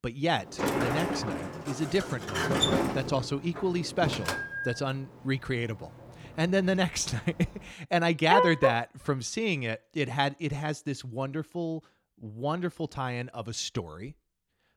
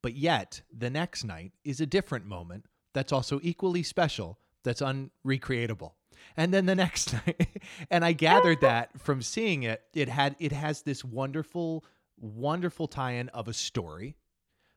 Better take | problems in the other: second | door banging; loud; from 0.5 to 4.5 s; peak 5 dB above the speech

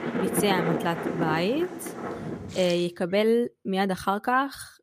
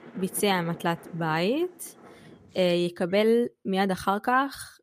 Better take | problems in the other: second | rain or running water; loud; until 2.5 s; 5 dB below the speech; faint in the second

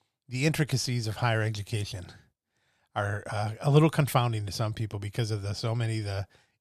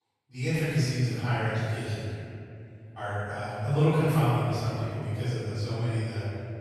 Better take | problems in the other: first | off-mic speech; far // room echo; strong; dies away in 2.5 s

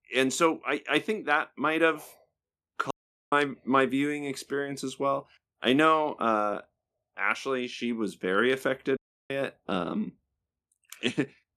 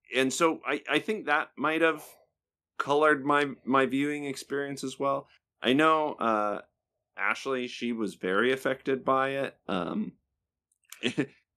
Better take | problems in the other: second | audio cutting out; at 3 s and at 9 s

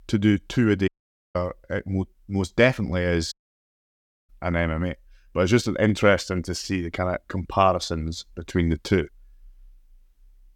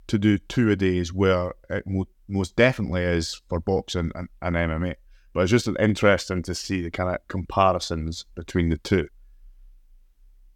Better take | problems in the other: second | audio cutting out; at 1 s and at 3.5 s for 1 s

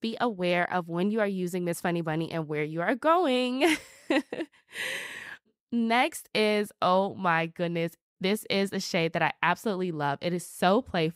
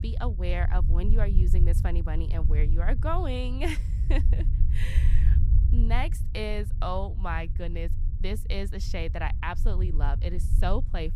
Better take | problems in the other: first | low rumble; noticeable; throughout; 10 dB below the speech

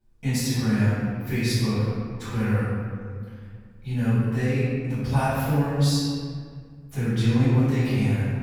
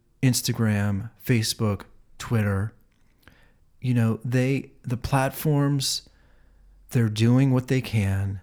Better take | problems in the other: second | off-mic speech; far // room echo; strong; dies away in 1.8 s

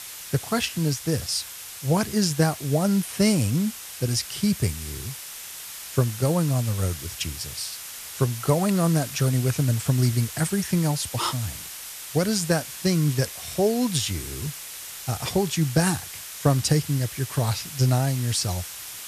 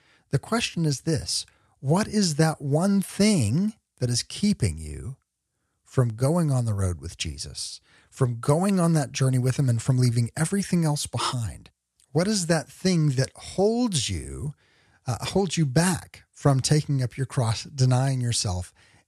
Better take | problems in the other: second | hiss; noticeable; throughout; 10 dB below the speech

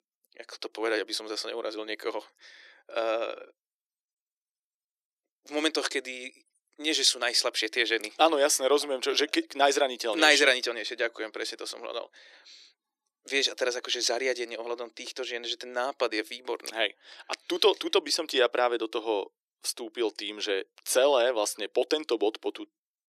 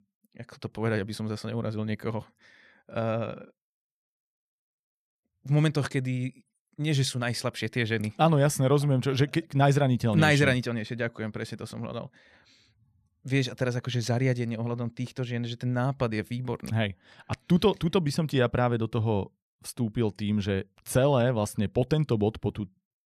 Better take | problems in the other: second | thin; very; fading below 300 Hz

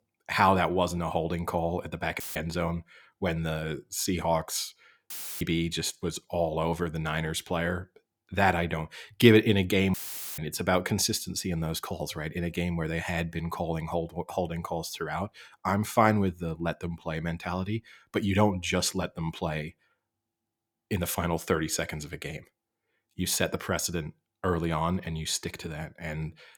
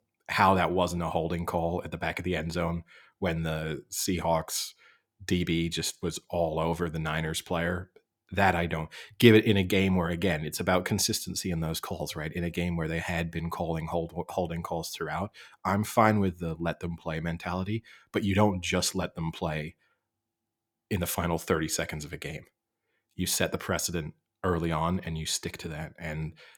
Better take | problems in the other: second | audio cutting out; filled with static; at 2 s, at 5 s and at 10 s

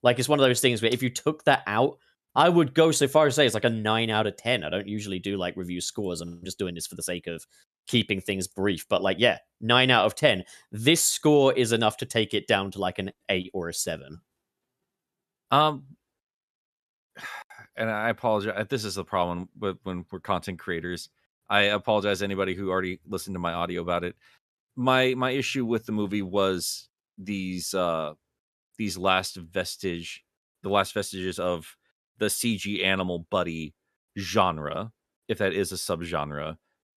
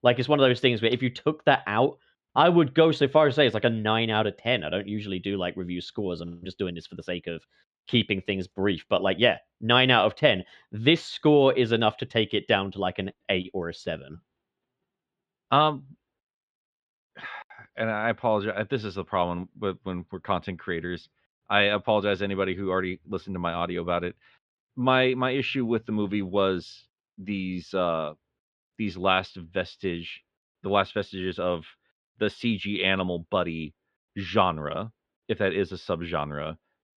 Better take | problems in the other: first | muffled; slightly; fading above 3.5 kHz

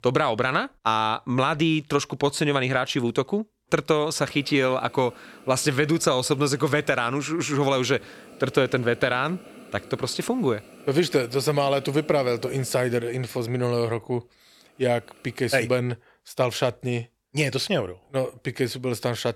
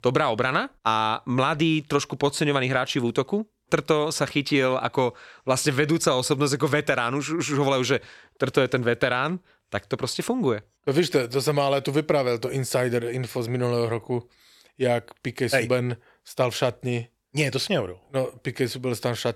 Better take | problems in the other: second | hiss; faint; from 4 to 16 s; 25 dB below the speech

